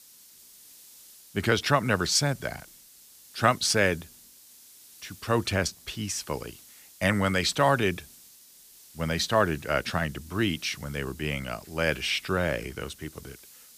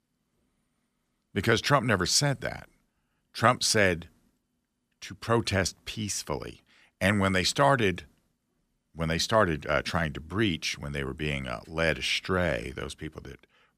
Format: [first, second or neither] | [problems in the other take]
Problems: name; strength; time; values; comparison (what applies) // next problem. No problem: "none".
second | hiss; faint; throughout; 20 dB below the speech